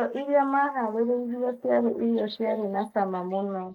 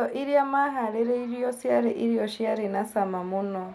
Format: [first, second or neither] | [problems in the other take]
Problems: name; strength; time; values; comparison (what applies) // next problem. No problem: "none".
second | noise reduction (neural mask model Resemble Enhance denoiser)